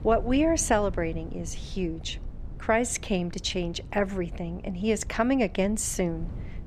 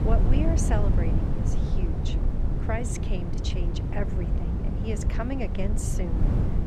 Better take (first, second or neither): first